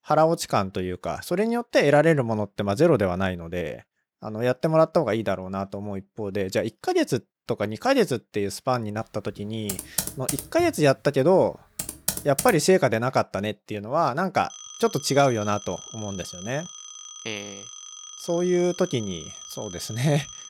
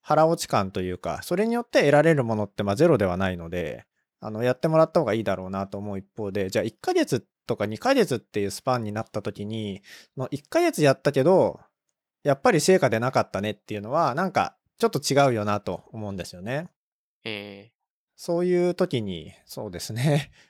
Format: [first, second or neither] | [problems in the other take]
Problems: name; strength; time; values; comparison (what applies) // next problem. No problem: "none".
second | keyboard typing; noticeable; from 9.5 to 13 s; peak 2 dB below the speech // phone ringing; faint; from 15 s on; peak 15 dB below the speech